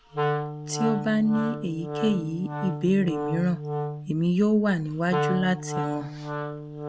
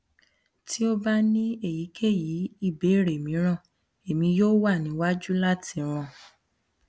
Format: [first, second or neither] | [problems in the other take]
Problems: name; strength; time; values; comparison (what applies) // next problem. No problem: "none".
second | background sound (Wind instrument, woodwind instrument); 5 dB below the speech